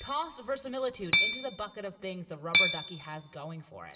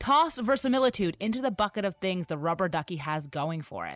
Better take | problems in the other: second | background sound (Hammer); 5 dB above the speech // room echo; dies away in 2.6 s

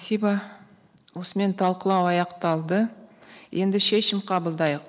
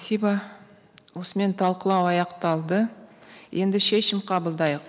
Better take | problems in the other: second | noise reduction (neural mask model Resemble Enhance denoiser)

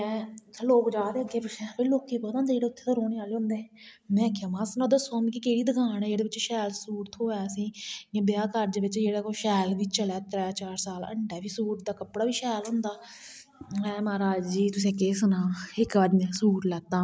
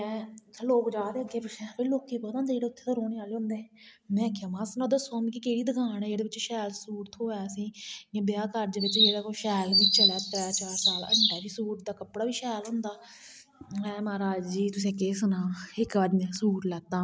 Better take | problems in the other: first | background sound (Chirp, tweet); 4 dB above the speech

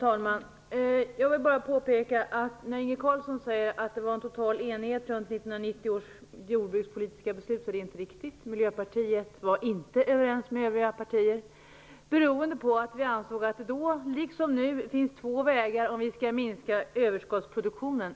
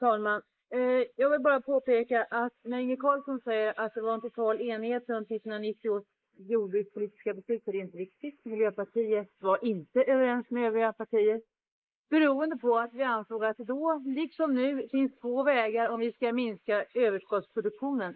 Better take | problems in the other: first | noise reduction (neural mask model Resemble Enhance denoiser)

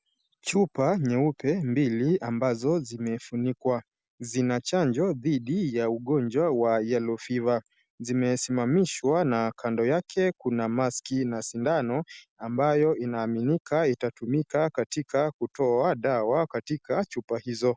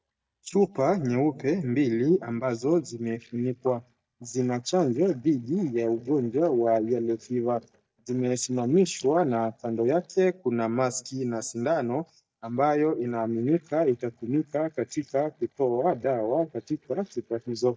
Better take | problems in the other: first | noise reduction (neural mask model DeepFilterNet 3)

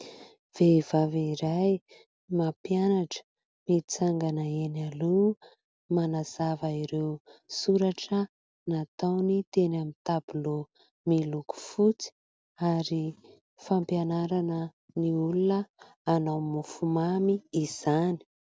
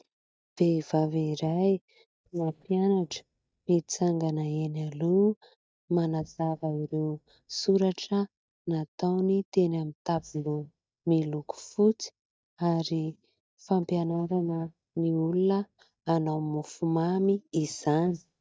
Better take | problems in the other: first | noise reduction (neural mask model DeepFilterNet 3)

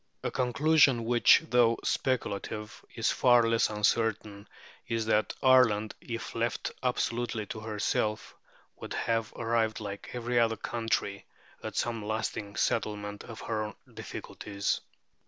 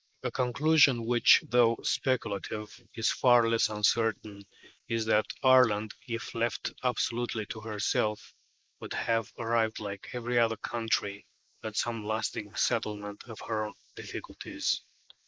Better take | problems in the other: first | noise reduction (neural mask model Resemble Enhance denoiser)

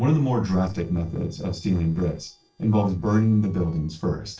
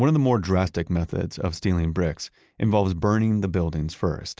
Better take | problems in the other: second | noise reduction (neural separator model SepFormer DNS4)

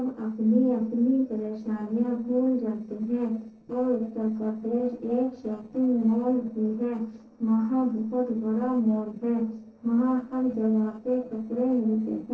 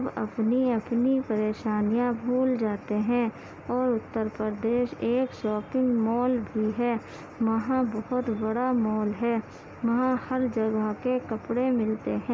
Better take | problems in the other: second | noise reduction (neural separator model SepFormer DNS4)

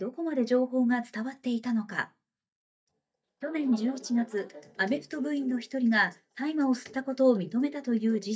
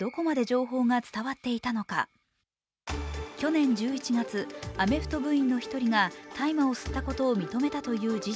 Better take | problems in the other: second | noise reduction (neural mask model DeepFilterNet 3)

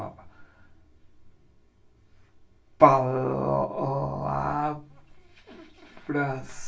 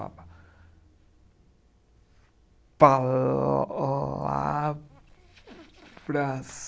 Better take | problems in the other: second | room echo; dies away in 0.2 s

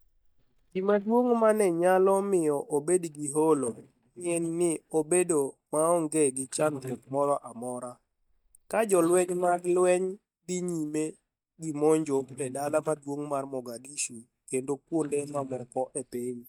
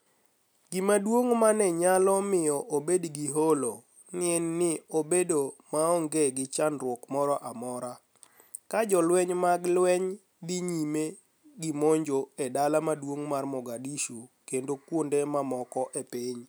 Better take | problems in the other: second | noise reduction (neural mask model DeepFilterNet 3)

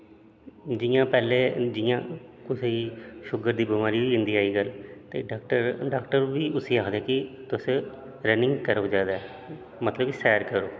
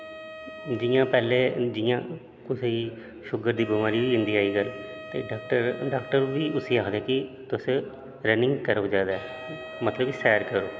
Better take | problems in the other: first | background sound (Wind instrument, woodwind instrument); 16 dB below the speech

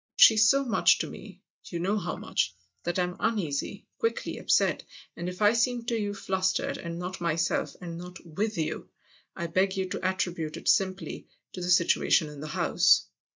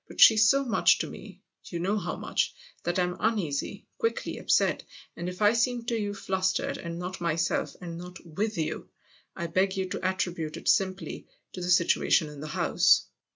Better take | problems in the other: second | noise reduction (neural mask model DeepFilterNet 3)

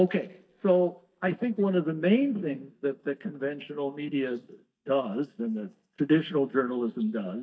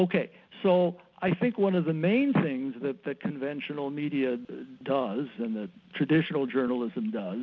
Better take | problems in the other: second | noise reduction (neural mask model DeepFilterNet 3)

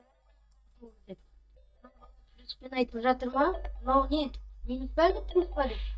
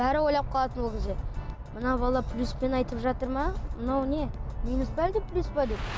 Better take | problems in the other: second | noise reduction (neural mask model DeepFilterNet 3)

